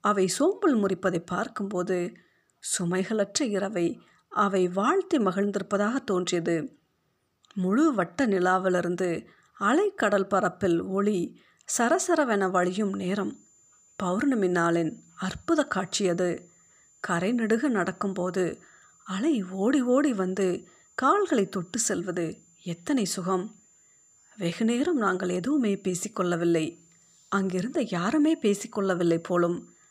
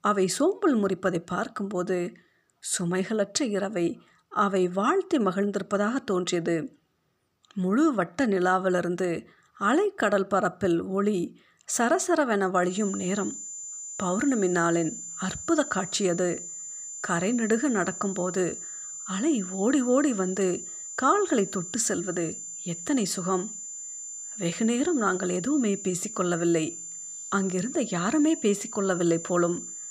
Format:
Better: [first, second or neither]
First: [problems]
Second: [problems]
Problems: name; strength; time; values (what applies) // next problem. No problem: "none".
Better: first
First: high-pitched whine; faint; from 13 s on; 7 kHz, 30 dB below the speech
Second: high-pitched whine; loud; from 13 s on; 7 kHz, 9 dB below the speech